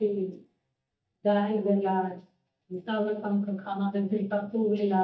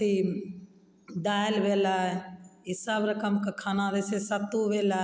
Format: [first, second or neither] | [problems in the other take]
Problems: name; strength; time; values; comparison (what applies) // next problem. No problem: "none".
second | noise reduction (neural mask model DeepFilterNet 3)